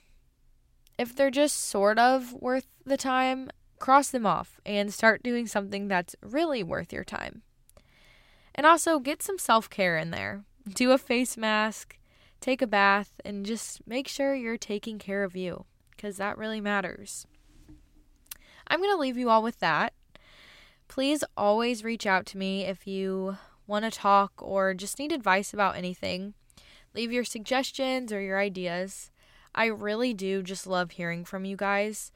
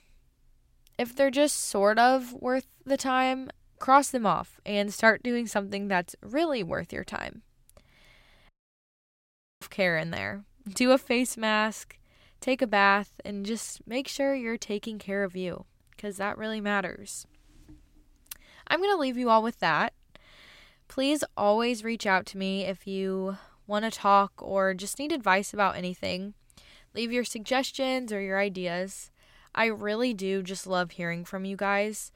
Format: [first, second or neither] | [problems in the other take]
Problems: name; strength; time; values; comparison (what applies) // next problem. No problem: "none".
first | audio cutting out; at 8.5 s for 1 s